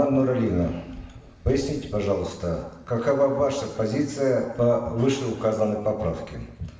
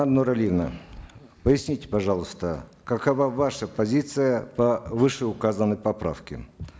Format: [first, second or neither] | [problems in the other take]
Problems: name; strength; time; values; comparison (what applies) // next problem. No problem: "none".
second | room echo; dies away in 1 s